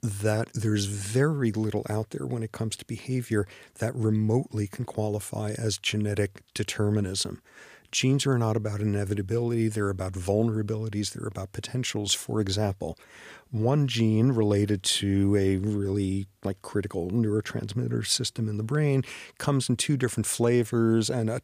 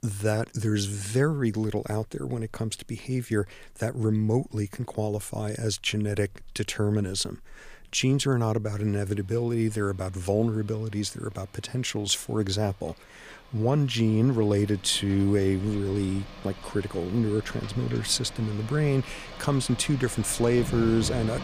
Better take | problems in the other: first | rain or running water; noticeable; throughout; 15 dB below the speech

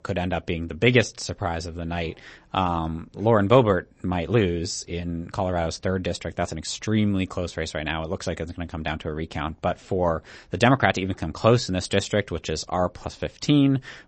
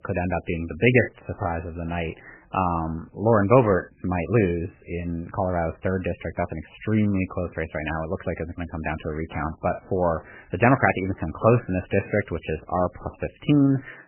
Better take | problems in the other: first | garbled, watery; badly; nothing above 3 kHz; slightly in the first

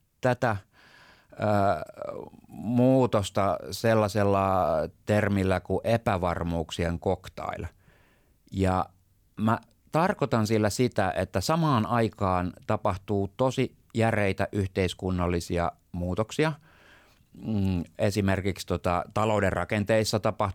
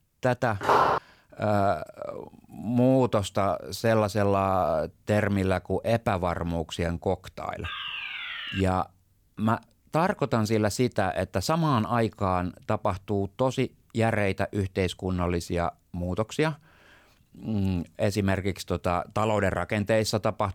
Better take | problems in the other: first | footsteps; loud; at 0.5 s; peak 5 dB above the speech // alarm; noticeable; at 7.5 s; peak 5 dB below the speech

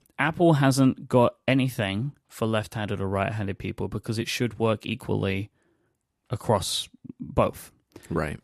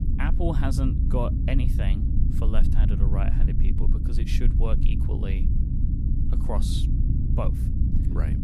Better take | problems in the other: first | low rumble; loud; throughout; 3 dB below the speech

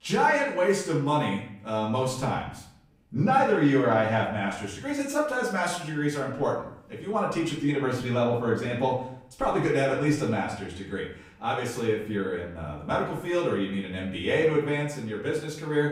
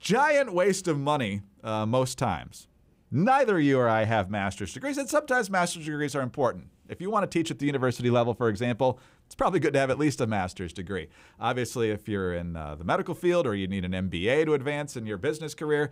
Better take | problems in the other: second | off-mic speech; far // room echo; noticeable; dies away in 0.6 s

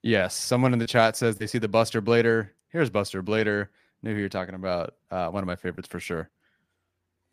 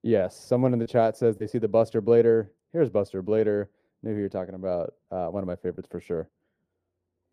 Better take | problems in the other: first | muffled; very; fading above 1 kHz

